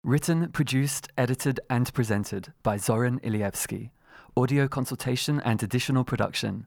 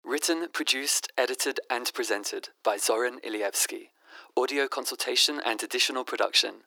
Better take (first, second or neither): first